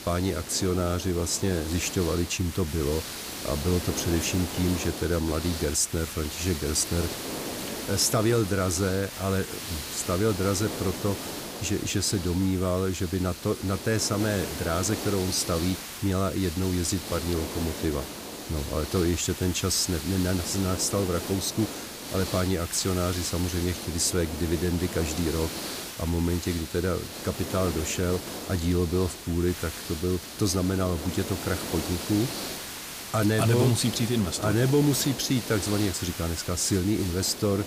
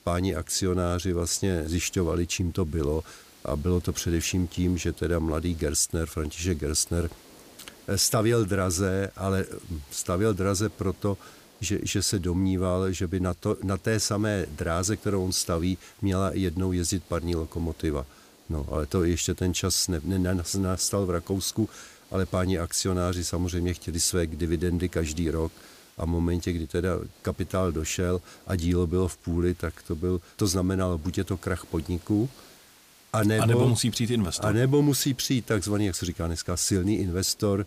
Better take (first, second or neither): second